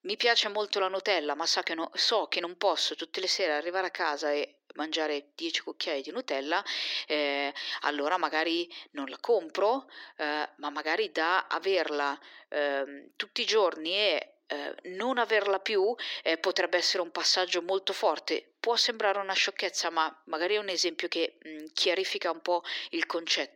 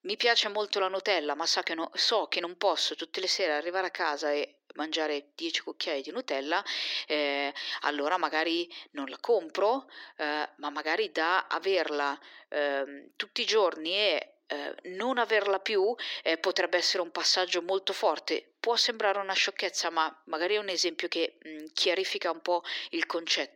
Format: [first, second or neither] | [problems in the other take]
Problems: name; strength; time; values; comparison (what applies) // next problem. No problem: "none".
neither | thin; very; fading below 300 Hz; the same in both